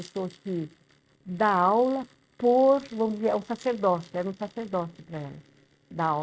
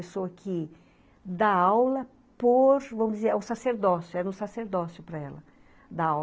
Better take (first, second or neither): second